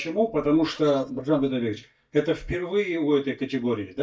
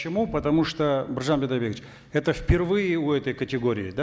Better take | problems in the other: second | noise reduction (neural mask model DeepFilterNet 3)

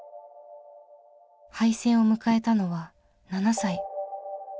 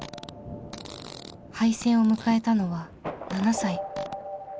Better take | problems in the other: first | background sound (Fart + Thunder); 14 dB below the speech

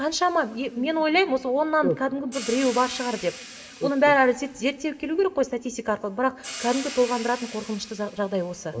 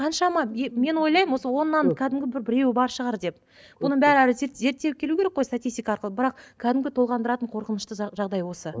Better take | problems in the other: second | background sound (Hi-hat); 17 dB below the speech // room echo; dies away in 2.1 s

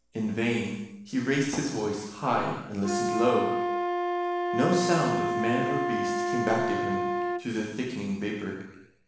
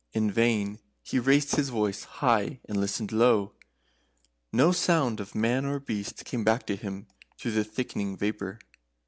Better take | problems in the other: second | background sound (Wind instrument, woodwind instrument); 2 dB below the speech // room echo; dies away in 0.9 s

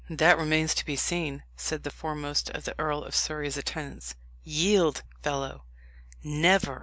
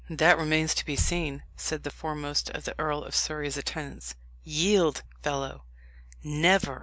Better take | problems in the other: first | background sound (Bass drum); 12 dB below the speech

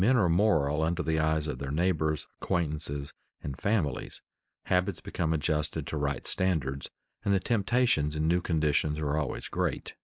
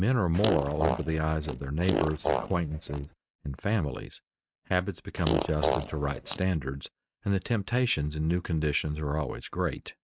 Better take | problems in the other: first | noise reduction (neural mask model RNNoise)

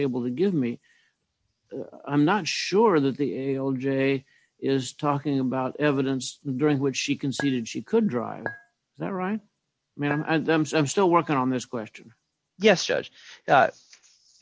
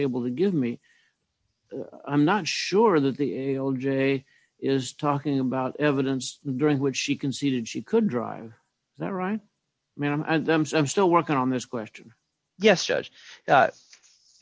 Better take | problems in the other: second | background sound (Chink, clink); 12 dB below the speech

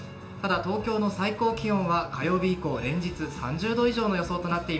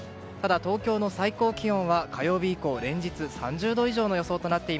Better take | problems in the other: second | room echo; dies away in 0.5 s

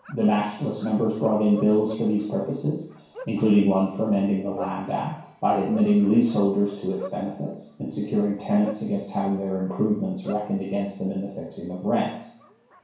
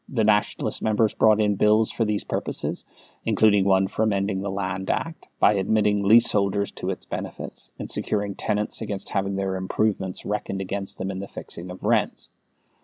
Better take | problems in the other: second | background sound (Bark); 20 dB below the speech // room echo; dies away in 0.6 s

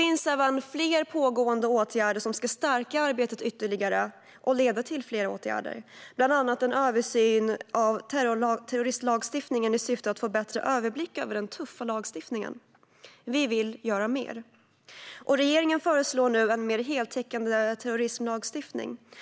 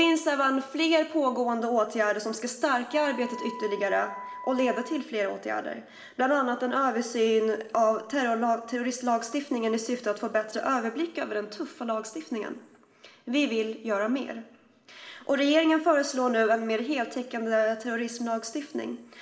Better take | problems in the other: first | background sound (Wind instrument, woodwind instrument); 14 dB below the speech // room echo; dies away in 1 s

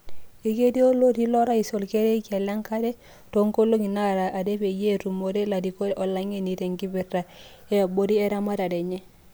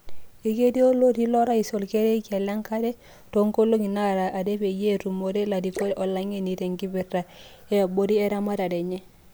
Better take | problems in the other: first | background sound (Drip / Splash, splatter); 19 dB below the speech

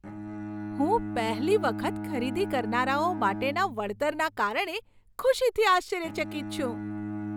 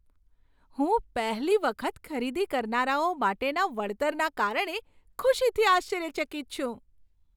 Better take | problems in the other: second | background sound (Bowed string instrument); 8 dB below the speech

